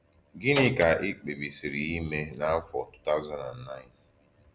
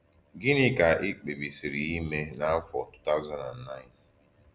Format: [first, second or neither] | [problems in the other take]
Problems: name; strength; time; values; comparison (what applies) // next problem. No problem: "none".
second | background sound (Door); 4 dB below the speech